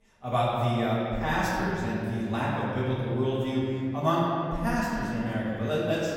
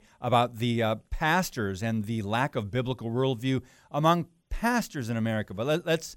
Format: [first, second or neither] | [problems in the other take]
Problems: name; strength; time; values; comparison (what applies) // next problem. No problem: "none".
second | off-mic speech; far // room echo; strong; dies away in 2.2 s